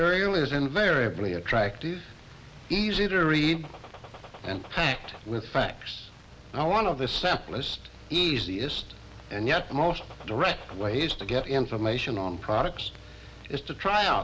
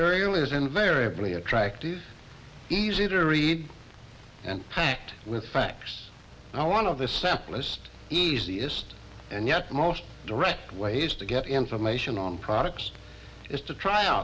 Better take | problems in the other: second | background sound (Gunshot, gunfire); 19 dB below the speech

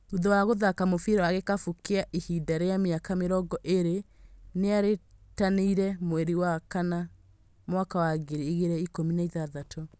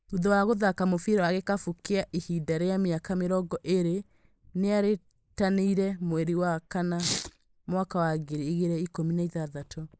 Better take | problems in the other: first | noise reduction (neural mask model Resemble Enhance denoiser)

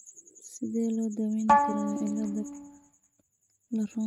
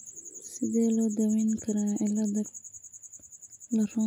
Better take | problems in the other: second | noise reduction (neural mask model RNNoise)

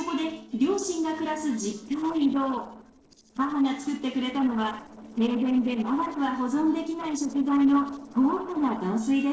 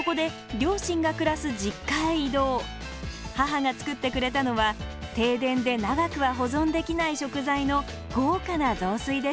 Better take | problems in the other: second | noise reduction (neural separator model SepFormer DNS4)

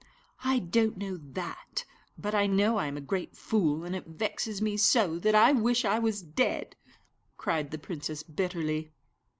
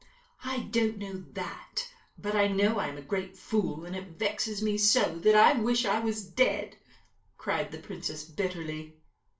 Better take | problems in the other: first | room echo; dies away in 0.3 s

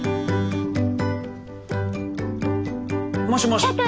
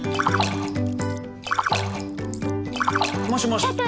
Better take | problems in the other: first | background sound (Splash, splatter); 2 dB below the speech

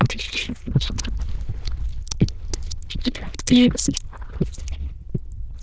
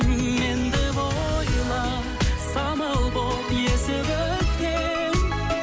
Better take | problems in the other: second | noise reduction (neural diffusion model UNIVERSE++)

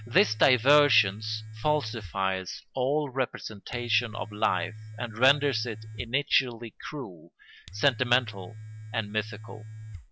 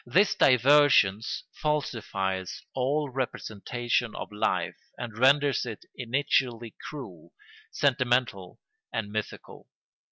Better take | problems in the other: second | background sound (Domestic sounds, home sounds); 14 dB below the speech

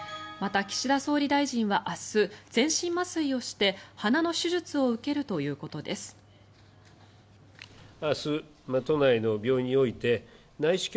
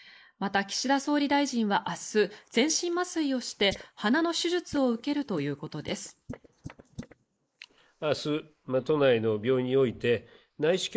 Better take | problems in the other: first | noise reduction (neural mask model Resemble Enhance denoiser)

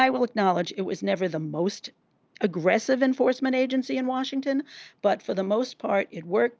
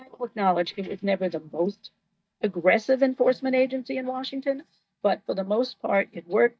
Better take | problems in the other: first | noise reduction (neural mask model DeepFilterNet 3)

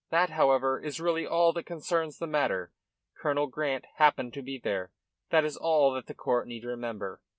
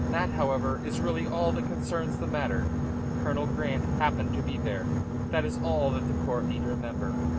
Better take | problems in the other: first | background sound (Boat, Water vehicle); 4 dB above the speech

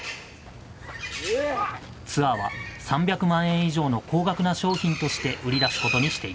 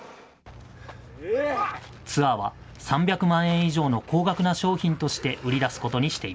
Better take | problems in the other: second | background sound (Bird); 9 dB below the speech

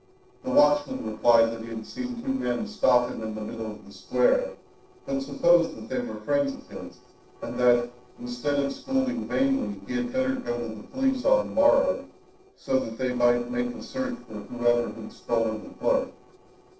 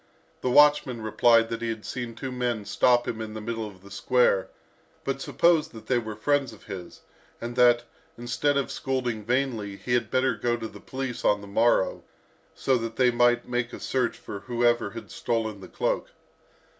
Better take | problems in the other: second | noise reduction (neural separator model SepFormer DNS4)

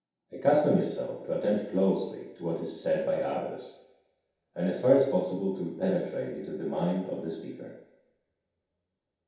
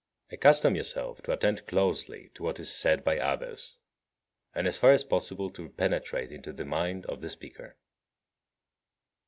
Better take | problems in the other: second | room echo; dies away in 0.8 s

